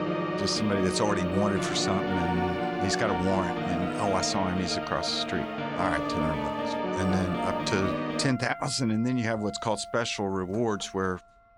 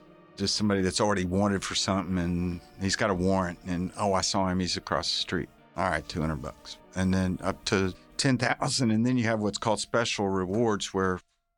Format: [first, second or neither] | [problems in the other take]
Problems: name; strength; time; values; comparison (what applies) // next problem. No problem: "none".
second | background music; loud; throughout; 1 dB below the speech; faint in the second